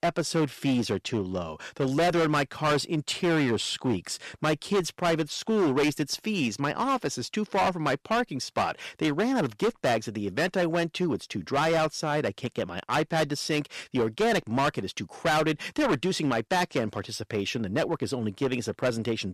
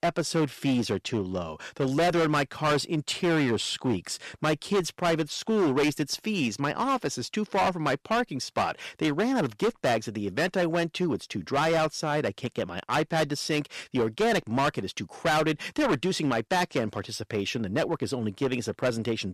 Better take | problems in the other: neither | distortion; heavy; 13% of the sound clipped; the same in both

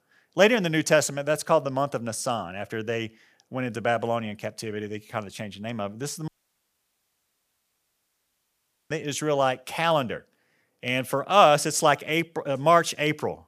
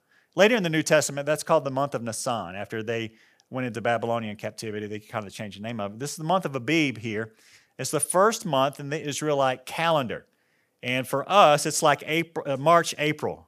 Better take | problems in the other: second | audio cutting out; at 6.5 s for 2.5 s

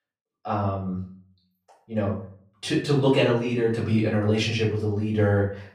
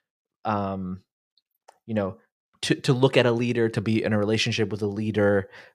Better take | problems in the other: second | off-mic speech; far // room echo; slight; dies away in 0.4 s

